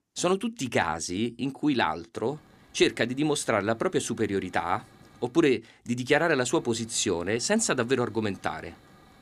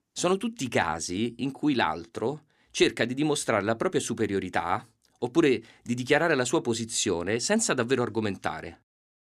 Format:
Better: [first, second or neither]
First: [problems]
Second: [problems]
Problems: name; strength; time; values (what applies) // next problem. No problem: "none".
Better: second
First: hiss; faint; from 2.5 to 5.5 s and from 6.5 s on; 30 dB below the speech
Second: none